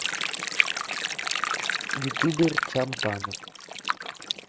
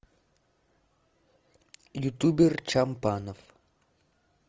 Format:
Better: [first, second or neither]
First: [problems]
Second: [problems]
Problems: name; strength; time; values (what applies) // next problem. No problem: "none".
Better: second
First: noise reduction (neural mask model RNNoise)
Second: none